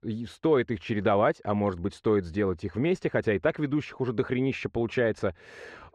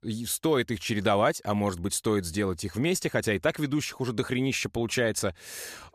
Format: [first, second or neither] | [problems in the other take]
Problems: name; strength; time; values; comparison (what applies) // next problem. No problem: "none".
second | muffled; very; fading above 2 kHz